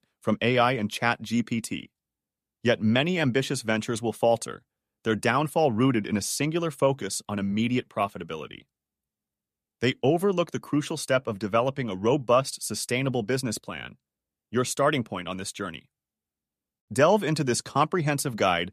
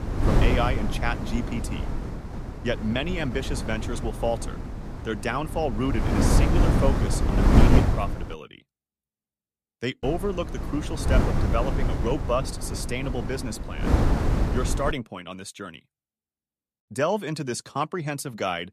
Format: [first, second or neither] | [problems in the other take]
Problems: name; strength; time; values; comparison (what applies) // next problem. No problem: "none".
first | wind noise on the microphone; heavy; until 8.5 s and from 10 to 15 s; 3 dB below the speech